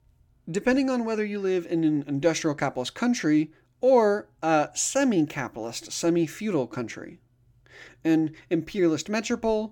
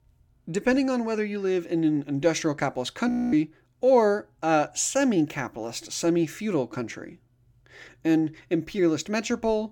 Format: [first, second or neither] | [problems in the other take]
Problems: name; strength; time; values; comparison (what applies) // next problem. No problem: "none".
first | audio freezing; at 3 s